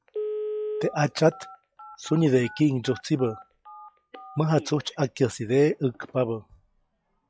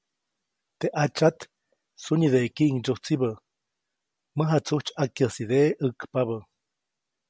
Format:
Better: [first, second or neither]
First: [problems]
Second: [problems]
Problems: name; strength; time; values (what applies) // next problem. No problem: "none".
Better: second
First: noise reduction (classical method log-MMSE)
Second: none